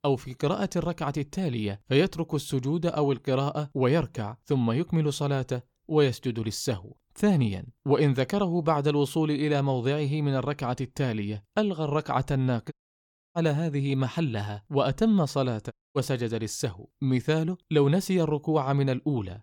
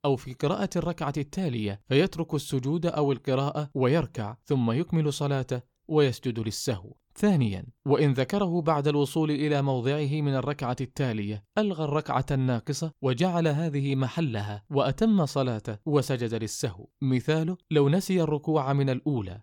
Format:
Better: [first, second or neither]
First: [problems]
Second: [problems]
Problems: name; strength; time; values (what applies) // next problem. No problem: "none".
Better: second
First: audio cutting out; at 13 s for 0.5 s and at 16 s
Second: none